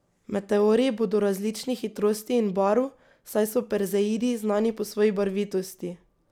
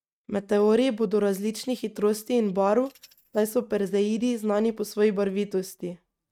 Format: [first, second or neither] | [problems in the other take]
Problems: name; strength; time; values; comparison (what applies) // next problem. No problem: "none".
first | noise reduction (neural mask model RNNoise)